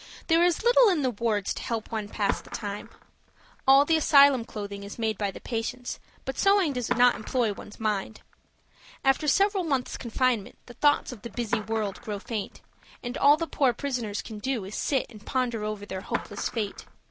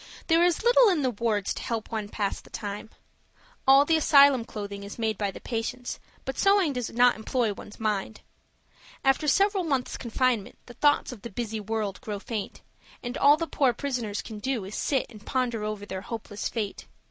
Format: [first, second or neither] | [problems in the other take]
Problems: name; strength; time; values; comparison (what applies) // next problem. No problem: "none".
second | background sound (Skateboard); 15 dB below the speech